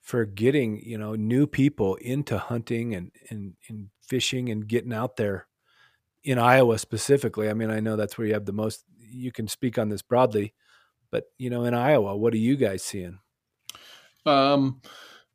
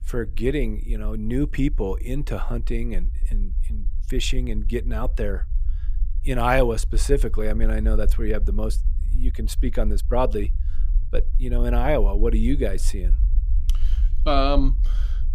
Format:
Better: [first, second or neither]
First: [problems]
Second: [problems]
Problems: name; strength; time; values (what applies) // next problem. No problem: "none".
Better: first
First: none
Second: low rumble; faint; throughout; 25 dB below the speech